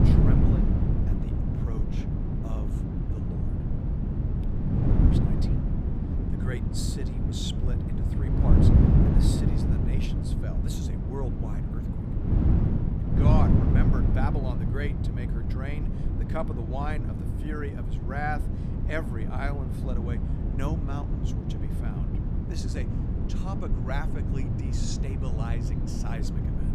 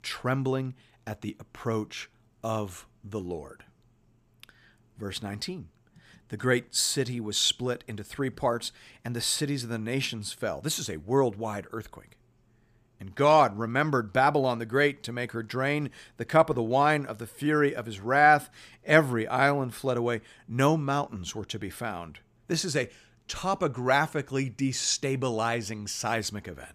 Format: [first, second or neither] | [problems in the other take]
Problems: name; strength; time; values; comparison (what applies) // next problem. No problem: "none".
second | wind noise on the microphone; heavy; 1 dB above the speech